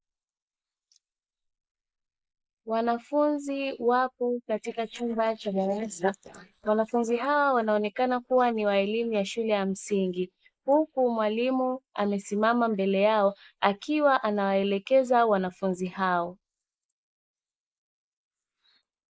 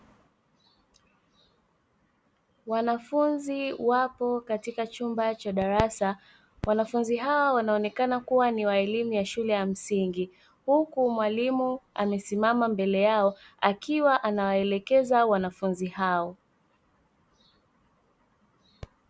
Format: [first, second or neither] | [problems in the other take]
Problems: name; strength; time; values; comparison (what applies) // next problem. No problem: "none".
second | noise reduction (neural mask model Resemble Enhance denoiser)